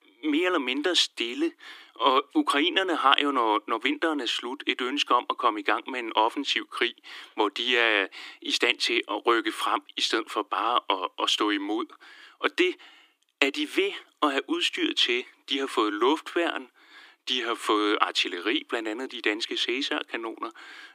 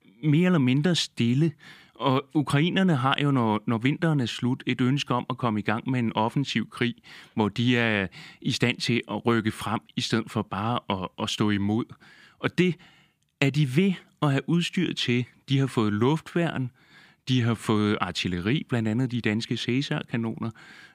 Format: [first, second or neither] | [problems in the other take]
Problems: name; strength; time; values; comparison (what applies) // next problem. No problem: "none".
second | thin; very; fading below 300 Hz